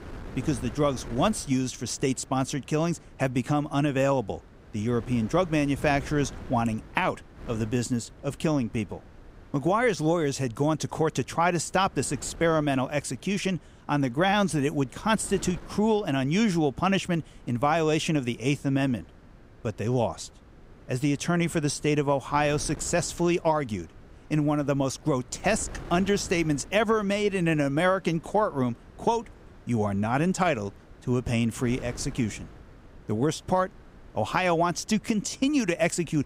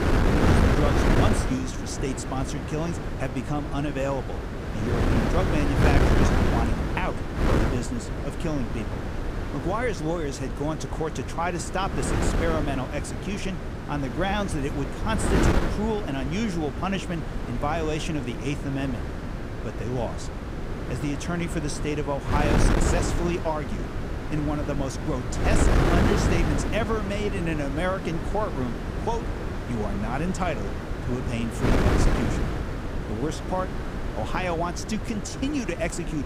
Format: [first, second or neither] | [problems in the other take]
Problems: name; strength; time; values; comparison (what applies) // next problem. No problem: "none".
first | wind noise on the microphone; heavy; 1 dB below the speech; occasional gusts in the first